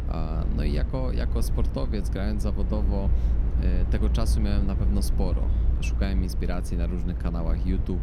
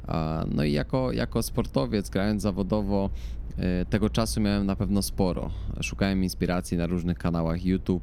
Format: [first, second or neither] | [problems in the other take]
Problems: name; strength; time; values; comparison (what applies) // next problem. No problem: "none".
second | low rumble; loud; throughout; 7 dB below the speech; faint in the second